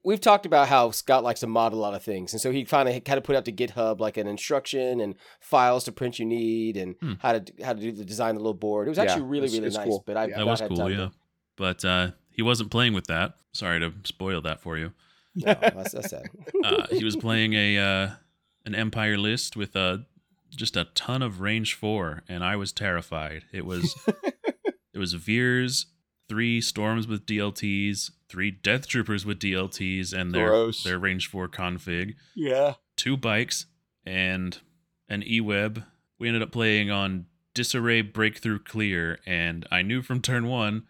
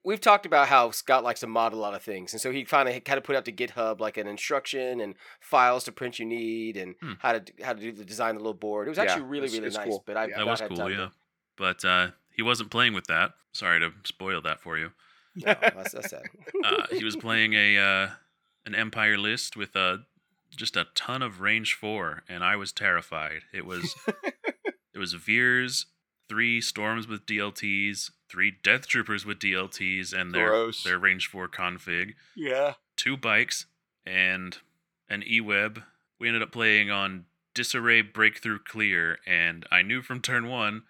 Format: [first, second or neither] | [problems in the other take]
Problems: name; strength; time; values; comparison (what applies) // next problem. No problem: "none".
first | thin; somewhat; fading below 550 Hz